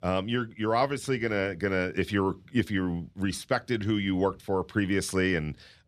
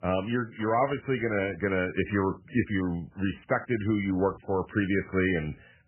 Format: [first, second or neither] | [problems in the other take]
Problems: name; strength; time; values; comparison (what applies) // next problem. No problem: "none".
first | garbled, watery; badly; nothing above 3 kHz